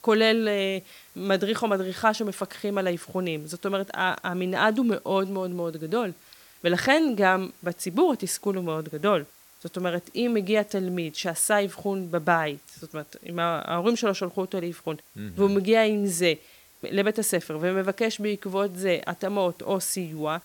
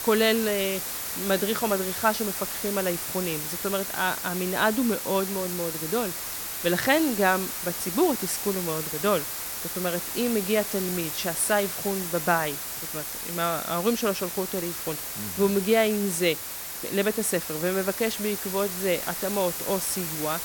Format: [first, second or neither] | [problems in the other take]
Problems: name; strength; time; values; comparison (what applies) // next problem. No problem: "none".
first | hiss; loud; throughout; 3 dB below the speech; faint in the first